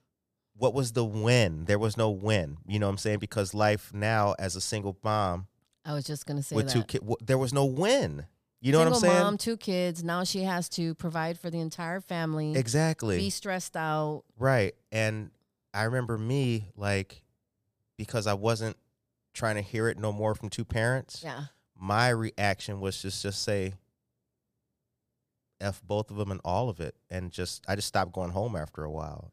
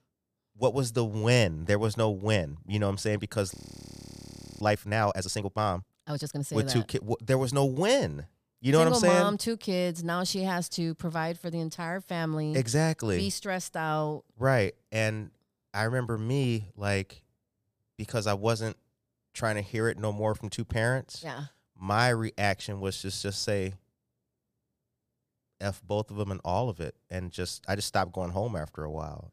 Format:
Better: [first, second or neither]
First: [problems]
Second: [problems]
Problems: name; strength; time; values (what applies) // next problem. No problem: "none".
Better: first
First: none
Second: audio freezing; at 3.5 s for 1 s